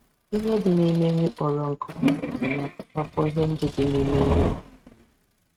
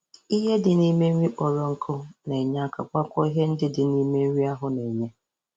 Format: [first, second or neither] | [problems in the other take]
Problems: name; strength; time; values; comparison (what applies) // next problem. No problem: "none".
second | noise reduction (neural mask model RNNoise)